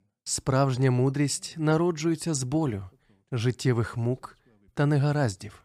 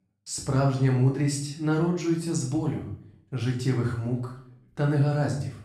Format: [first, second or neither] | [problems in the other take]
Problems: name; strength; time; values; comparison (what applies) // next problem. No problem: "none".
first | room echo; noticeable; dies away in 0.5 s // off-mic speech; far